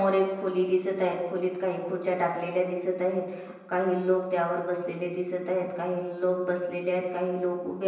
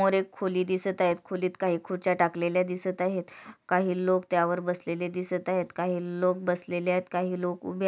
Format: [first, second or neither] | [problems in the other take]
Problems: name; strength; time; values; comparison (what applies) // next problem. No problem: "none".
second | room echo; dies away in 1 s